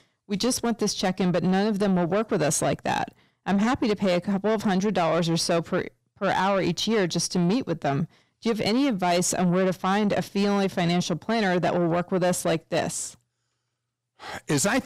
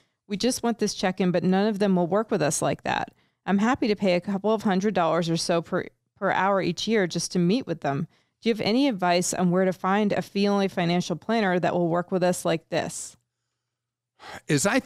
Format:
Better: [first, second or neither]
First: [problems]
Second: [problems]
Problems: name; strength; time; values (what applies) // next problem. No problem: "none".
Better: second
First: distortion; slight; 10 dB below the speech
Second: none